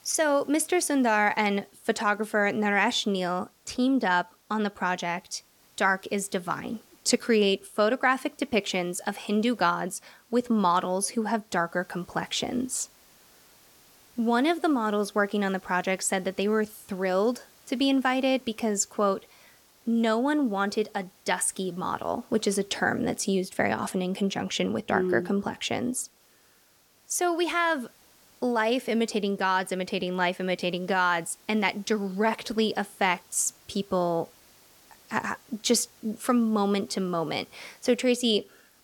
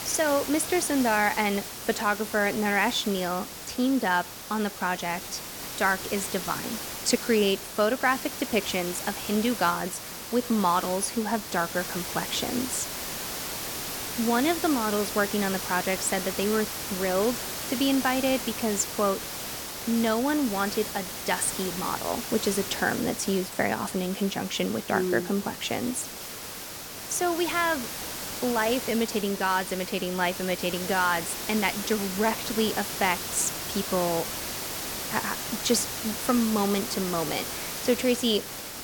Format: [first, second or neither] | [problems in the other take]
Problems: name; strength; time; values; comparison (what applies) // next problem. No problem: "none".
first | hiss; loud; throughout; 6 dB below the speech; faint in the first